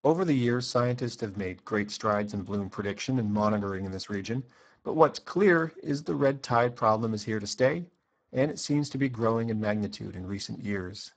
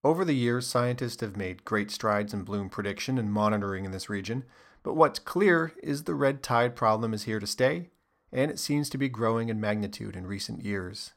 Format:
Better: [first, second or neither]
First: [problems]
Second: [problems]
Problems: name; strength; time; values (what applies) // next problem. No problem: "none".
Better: second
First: garbled, watery; badly; nothing above 7.5 kHz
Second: none